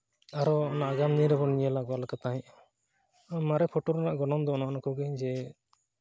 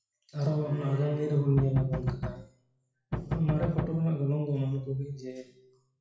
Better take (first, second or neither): first